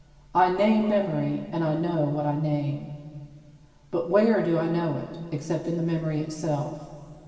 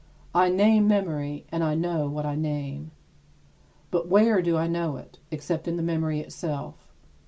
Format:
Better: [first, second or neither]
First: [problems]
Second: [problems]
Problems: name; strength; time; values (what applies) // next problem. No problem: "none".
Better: second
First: room echo; dies away in 2.3 s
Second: none